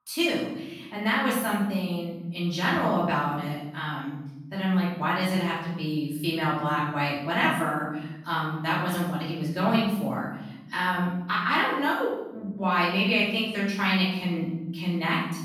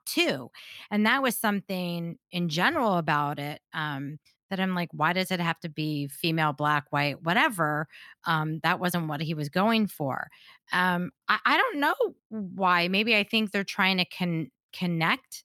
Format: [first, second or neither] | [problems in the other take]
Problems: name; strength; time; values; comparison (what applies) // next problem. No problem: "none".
second | off-mic speech; far // room echo; noticeable; dies away in 1 s